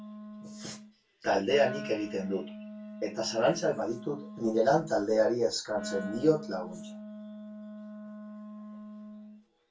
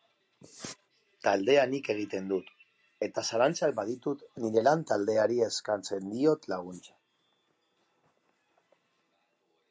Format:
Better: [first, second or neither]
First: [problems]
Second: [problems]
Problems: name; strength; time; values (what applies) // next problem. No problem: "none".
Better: second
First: background sound (Wind instrument, woodwind instrument); 12 dB below the speech // room echo; dies away in 0.2 s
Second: none